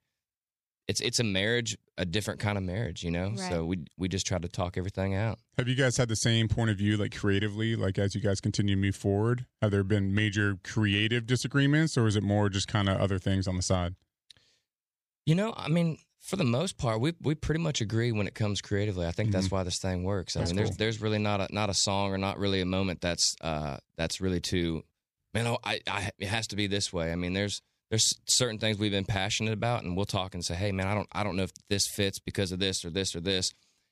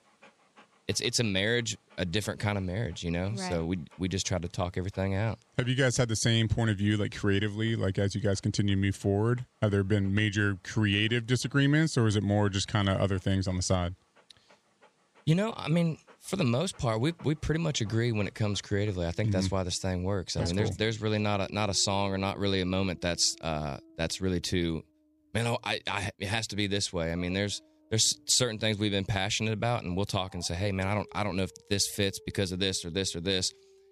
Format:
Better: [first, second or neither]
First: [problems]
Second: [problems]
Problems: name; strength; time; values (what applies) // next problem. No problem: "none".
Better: first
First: none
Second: animal sounds; faint; throughout; 30 dB below the speech